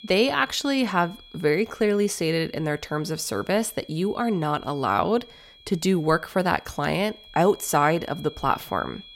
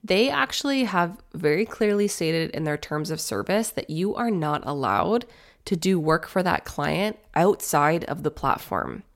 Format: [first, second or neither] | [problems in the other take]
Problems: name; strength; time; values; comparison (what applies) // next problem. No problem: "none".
second | high-pitched whine; faint; throughout; 3.5 kHz, 20 dB below the speech